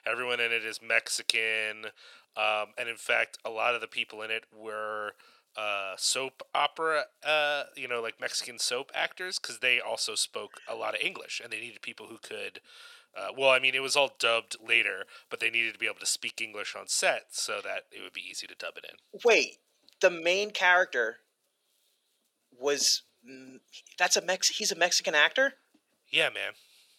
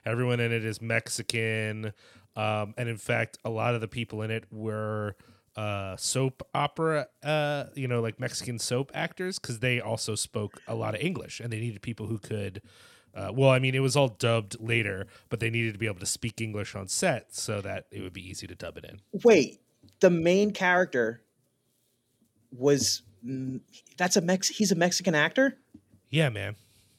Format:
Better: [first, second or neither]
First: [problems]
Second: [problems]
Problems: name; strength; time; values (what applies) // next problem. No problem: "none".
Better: second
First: thin; very; fading below 650 Hz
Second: none